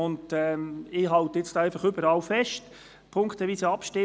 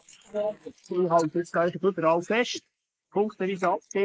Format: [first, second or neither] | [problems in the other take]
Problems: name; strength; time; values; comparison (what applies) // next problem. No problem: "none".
first | noise reduction (neural mask model Resemble Enhance denoiser)